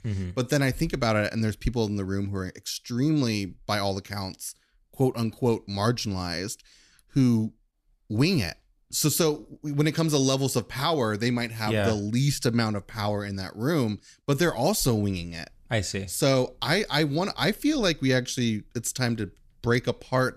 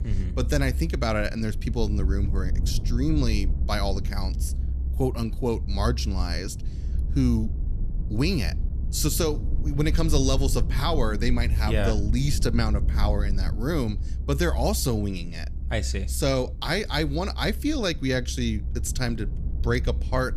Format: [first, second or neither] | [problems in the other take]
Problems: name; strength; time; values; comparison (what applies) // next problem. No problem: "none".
first | low rumble; noticeable; throughout; 15 dB below the speech